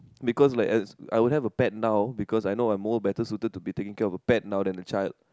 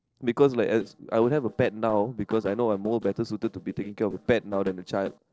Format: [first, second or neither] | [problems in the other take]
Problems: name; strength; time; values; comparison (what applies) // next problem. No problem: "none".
first | noise reduction (neural separator model SepFormer DNS4)